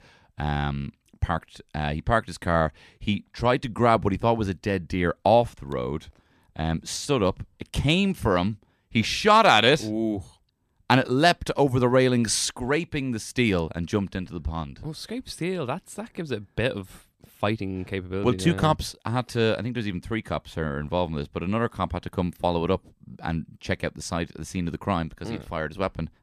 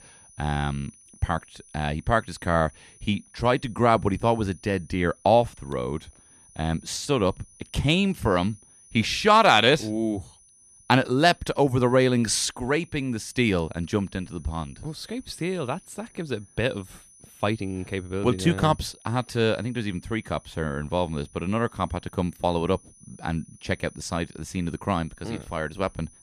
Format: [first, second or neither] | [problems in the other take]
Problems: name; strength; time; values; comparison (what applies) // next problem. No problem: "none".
first | high-pitched whine; faint; throughout; 9.5 kHz, 25 dB below the speech